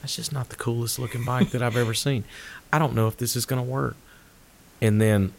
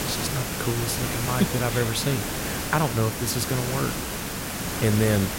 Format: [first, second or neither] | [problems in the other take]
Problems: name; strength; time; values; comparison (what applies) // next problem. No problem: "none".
first | hiss; loud; throughout; 2 dB below the speech; faint in the first